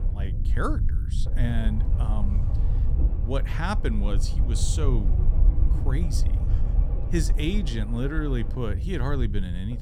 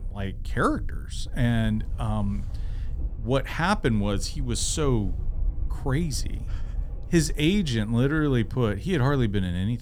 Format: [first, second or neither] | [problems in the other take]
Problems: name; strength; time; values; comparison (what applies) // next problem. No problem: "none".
second | low rumble; loud; throughout; 9 dB below the speech; faint in the second